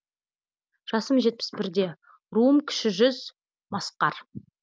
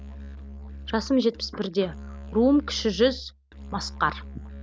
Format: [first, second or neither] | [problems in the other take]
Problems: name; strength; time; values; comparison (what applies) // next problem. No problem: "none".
first | background sound (Musical instrument); 13 dB below the speech